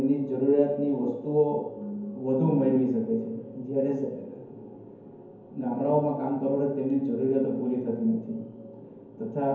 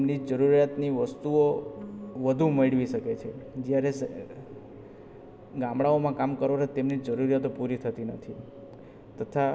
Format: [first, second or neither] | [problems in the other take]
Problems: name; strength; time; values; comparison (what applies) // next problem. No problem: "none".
second | room echo; dies away in 0.9 s